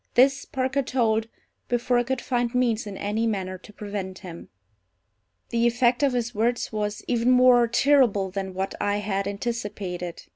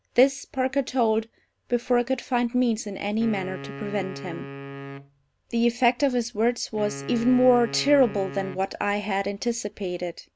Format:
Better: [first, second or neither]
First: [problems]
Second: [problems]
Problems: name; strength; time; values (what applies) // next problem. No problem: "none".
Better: first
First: none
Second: background sound (Wind instrument, woodwind instrument); 14 dB below the speech